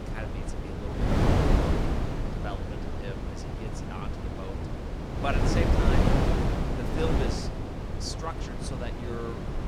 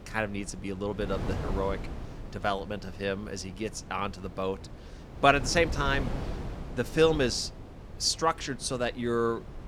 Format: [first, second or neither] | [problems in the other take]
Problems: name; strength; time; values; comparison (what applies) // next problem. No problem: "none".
second | wind noise on the microphone; heavy; 4 dB above the speech; occasional gusts in the second